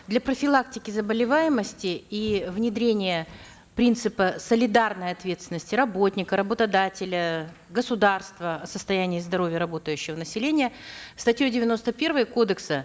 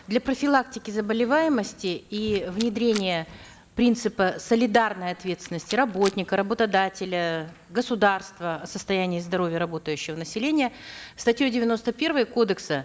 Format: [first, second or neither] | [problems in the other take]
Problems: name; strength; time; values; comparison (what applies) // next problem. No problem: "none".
first | background sound (Rattle); 15 dB below the speech